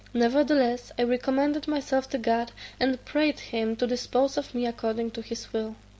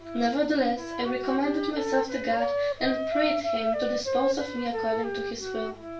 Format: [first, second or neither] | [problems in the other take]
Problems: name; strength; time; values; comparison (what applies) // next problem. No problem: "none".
first | background sound (Wind instrument, woodwind instrument); 2 dB below the speech // room echo; dies away in 0.3 s